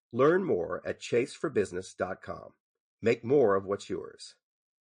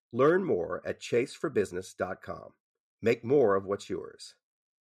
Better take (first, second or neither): second